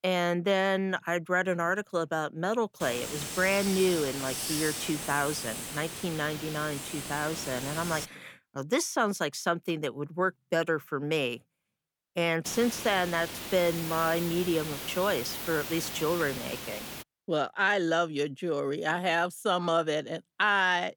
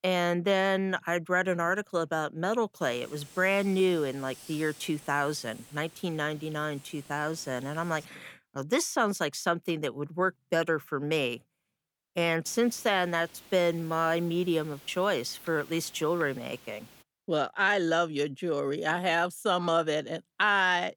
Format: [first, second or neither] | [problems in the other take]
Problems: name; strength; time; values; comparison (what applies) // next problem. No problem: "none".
second | hiss; loud; from 3 to 8 s and from 12 to 17 s; 6 dB below the speech; faint in the second